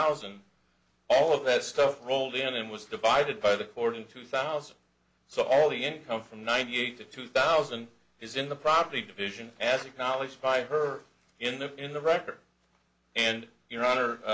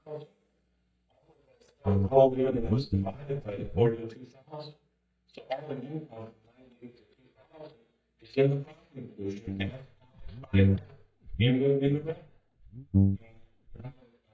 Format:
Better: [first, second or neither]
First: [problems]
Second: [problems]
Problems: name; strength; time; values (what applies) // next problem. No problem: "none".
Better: first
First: none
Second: noise reduction (neural mask model DeepFilterNet 3)